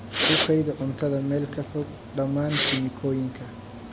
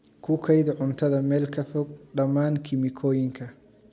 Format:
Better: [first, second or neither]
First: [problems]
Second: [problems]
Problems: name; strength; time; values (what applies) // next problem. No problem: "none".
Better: second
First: background sound (Respiratory sounds); 4 dB below the speech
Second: none